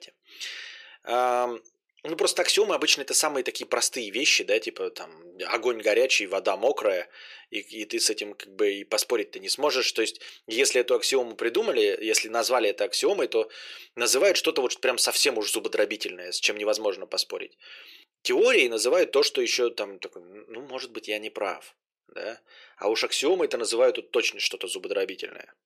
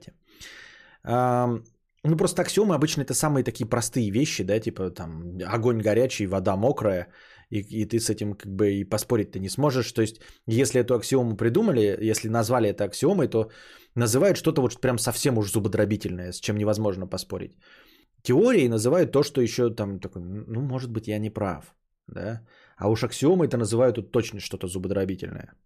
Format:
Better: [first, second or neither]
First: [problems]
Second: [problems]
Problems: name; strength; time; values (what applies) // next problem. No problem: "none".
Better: second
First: thin; very; fading below 400 Hz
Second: none